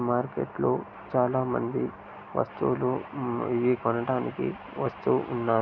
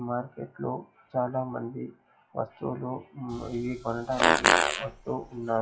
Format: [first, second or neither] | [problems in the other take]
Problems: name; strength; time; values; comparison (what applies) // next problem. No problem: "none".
first | noise reduction (classical method WPE with log-MMSE)